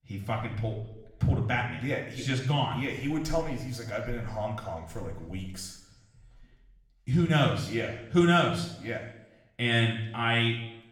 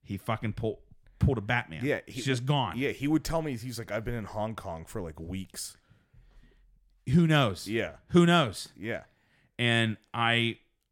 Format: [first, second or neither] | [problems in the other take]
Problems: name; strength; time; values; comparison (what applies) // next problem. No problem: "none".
second | room echo; noticeable; dies away in 0.8 s // off-mic speech; somewhat distant